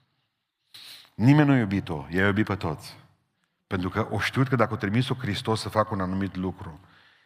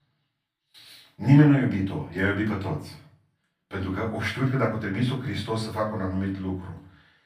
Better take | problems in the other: first | off-mic speech; far // room echo; slight; dies away in 0.3 s

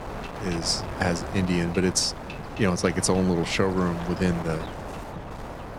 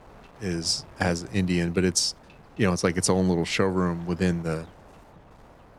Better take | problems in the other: second | wind noise on the microphone; heavy; 8 dB below the speech; occasional gusts in the second

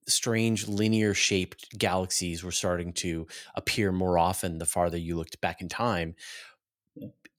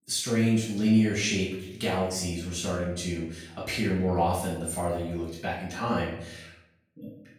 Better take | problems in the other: first | room echo; noticeable; dies away in 0.7 s // off-mic speech; far

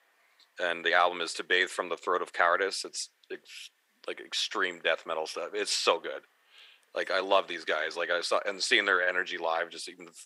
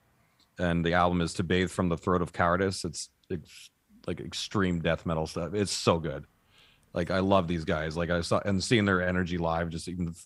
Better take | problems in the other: second | thin; very; fading below 400 Hz

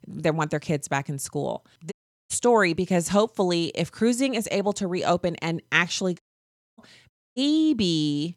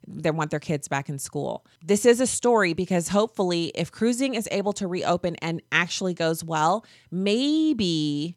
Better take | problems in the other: second | audio cutting out; at 2 s, at 6 s for 0.5 s and at 7 s

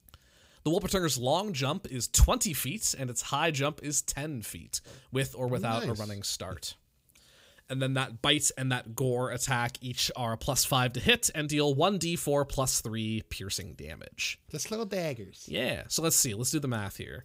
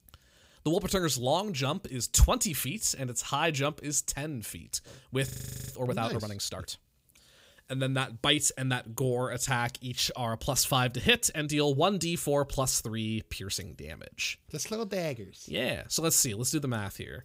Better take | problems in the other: first | audio freezing; at 5.5 s

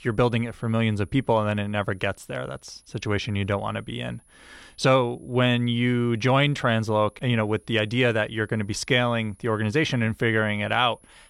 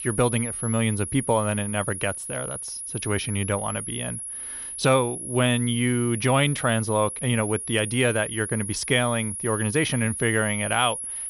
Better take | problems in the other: first | high-pitched whine; loud; throughout; 10.5 kHz, 6 dB below the speech; faint in the first

